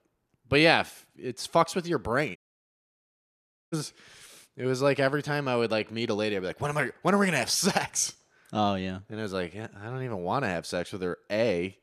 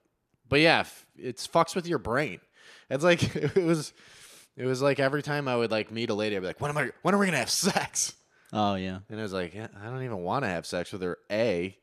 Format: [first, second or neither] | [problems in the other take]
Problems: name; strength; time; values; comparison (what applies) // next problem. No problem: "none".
second | audio cutting out; at 2.5 s for 1.5 s